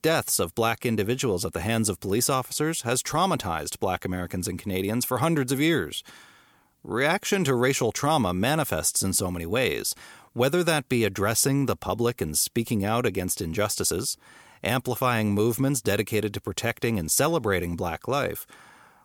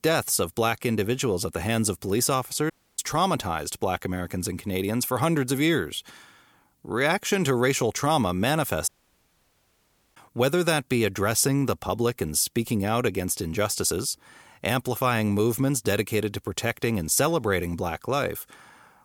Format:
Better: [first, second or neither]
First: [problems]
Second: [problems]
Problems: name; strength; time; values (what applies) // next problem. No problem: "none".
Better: first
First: none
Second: audio cutting out; at 2.5 s and at 9 s for 1.5 s